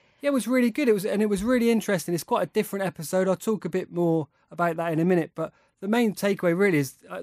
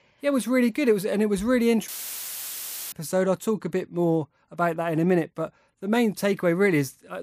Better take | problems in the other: first | audio cutting out; filled with static; at 2 s for 1 s

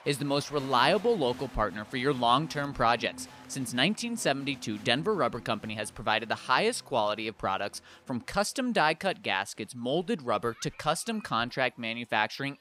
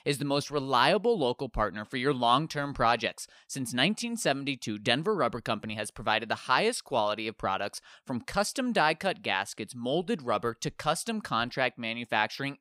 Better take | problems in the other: second | crowd noise; noticeable; throughout; 20 dB below the speech

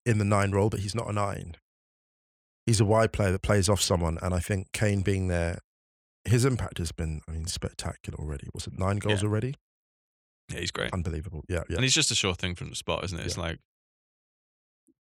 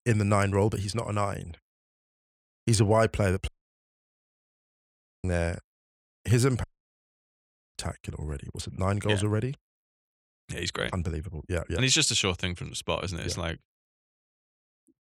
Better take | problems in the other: first | audio cutting out; at 3.5 s for 2 s and at 6.5 s for 1 s

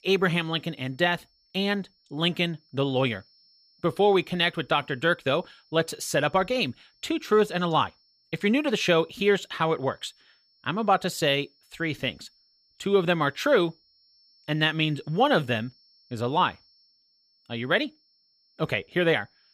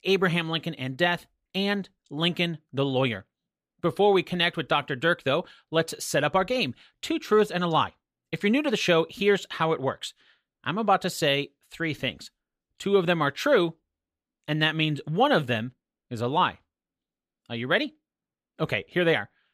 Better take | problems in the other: second | high-pitched whine; faint; throughout; 5.5 kHz, 35 dB below the speech

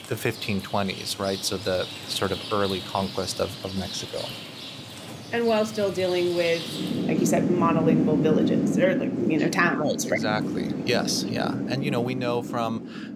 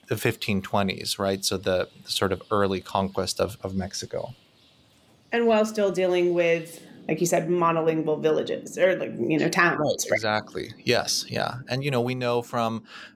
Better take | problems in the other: second | rain or running water; loud; throughout; 3 dB below the speech; faint in the second

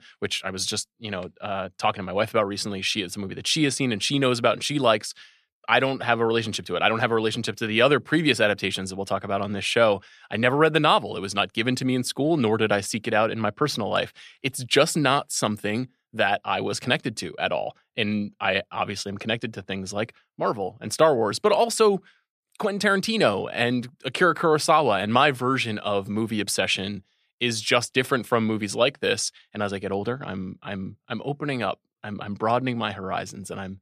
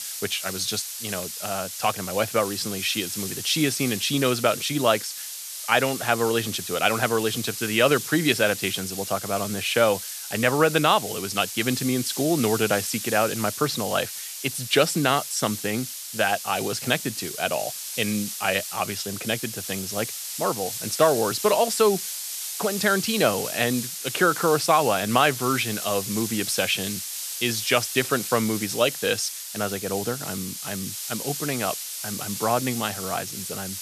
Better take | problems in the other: first | hiss; loud; throughout; 6 dB below the speech

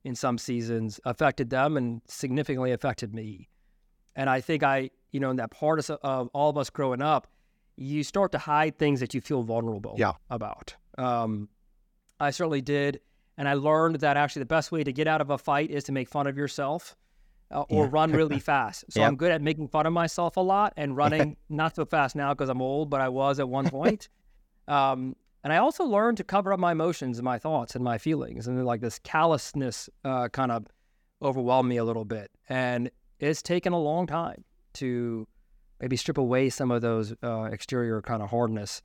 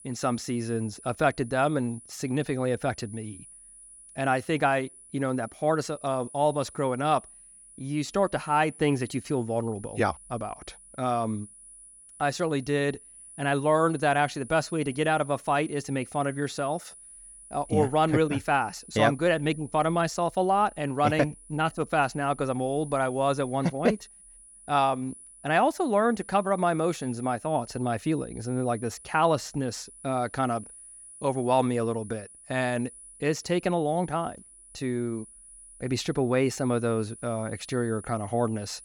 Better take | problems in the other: first | high-pitched whine; noticeable; throughout; 10 kHz, 20 dB below the speech

